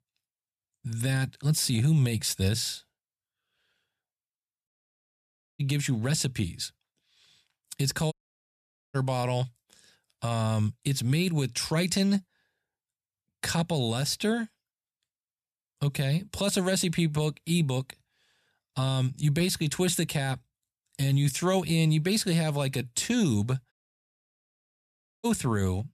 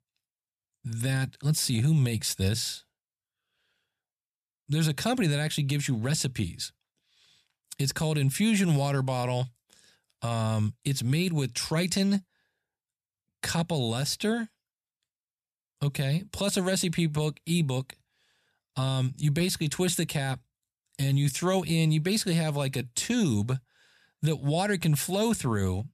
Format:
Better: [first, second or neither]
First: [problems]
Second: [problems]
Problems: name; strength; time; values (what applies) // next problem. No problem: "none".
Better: second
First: audio cutting out; at 4.5 s for 1 s, at 8 s for 1 s and at 24 s for 1.5 s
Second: none